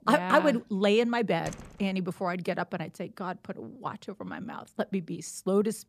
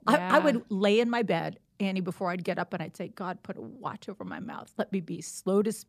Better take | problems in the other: second | door banging; faint; at 1.5 s; peak 15 dB below the speech

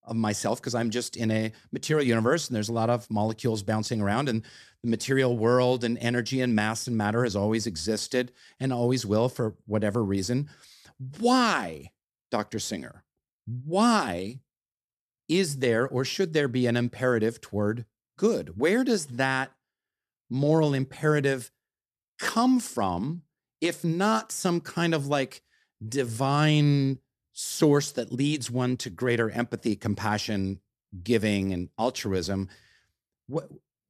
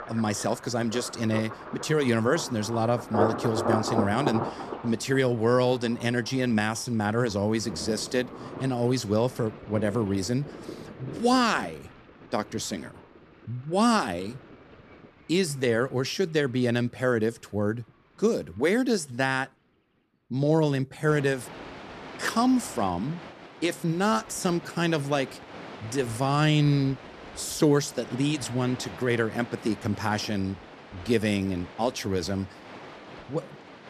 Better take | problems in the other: first | rain or running water; noticeable; throughout; 10 dB below the speech

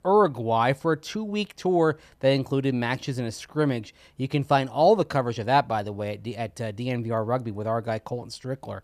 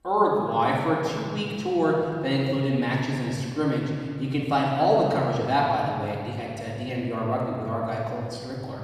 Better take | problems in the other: first | room echo; noticeable; dies away in 2.1 s // off-mic speech; far

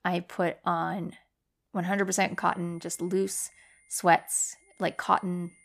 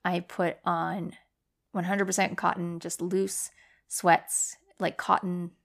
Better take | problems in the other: second | high-pitched whine; faint; from 2.5 s on; 2 kHz, 30 dB below the speech

